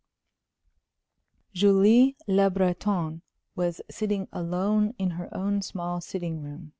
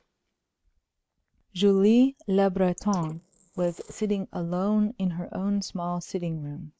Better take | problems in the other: first | noise reduction (neural mask model Resemble Enhance denoiser)

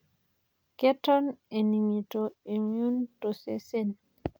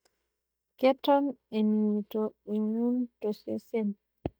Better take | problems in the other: first | noise reduction (neural mask model DeepFilterNet 3)

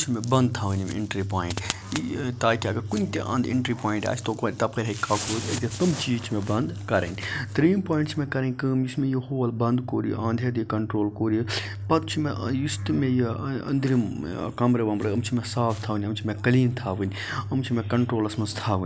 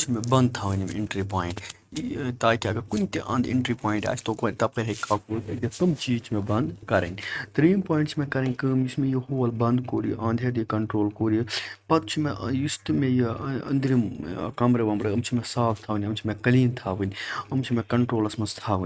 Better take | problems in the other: first | noise reduction (neural mask model RNNoise)

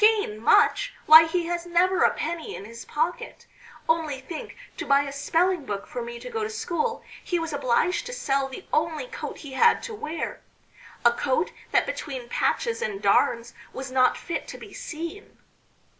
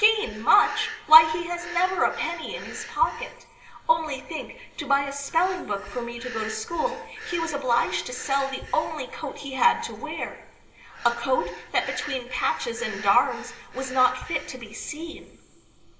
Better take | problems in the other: first | background sound (Breathing); 16 dB below the speech // room echo; dies away in 2.9 s

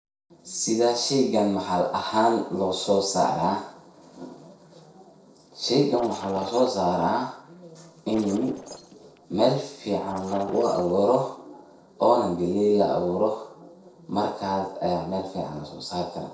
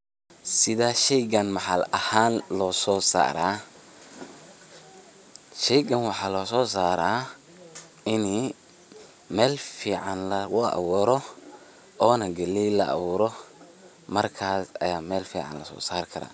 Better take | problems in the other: second | noise reduction (neural separator model SepFormer DNS4)

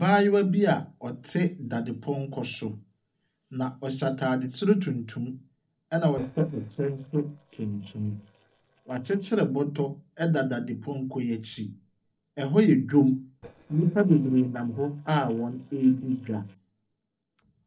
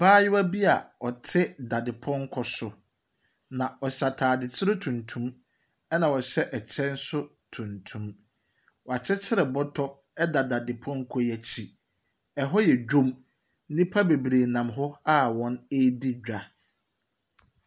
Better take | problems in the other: second | noise reduction (neural separator model SepFormer DNS4)

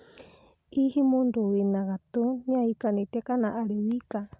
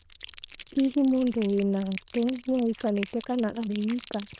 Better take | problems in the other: first | noise reduction (neural diffusion model UNIVERSE++)

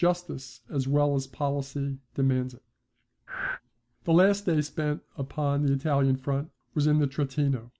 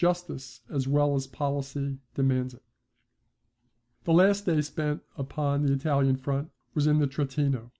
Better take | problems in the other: second | background sound (Breathing); 6 dB below the speech

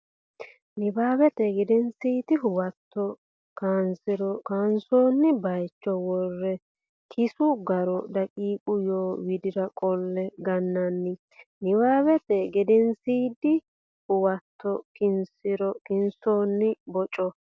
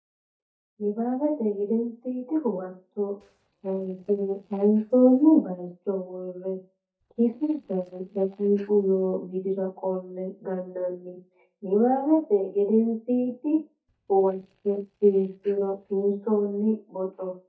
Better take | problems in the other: first | noise reduction (neural mask model DeepFilterNet 3)

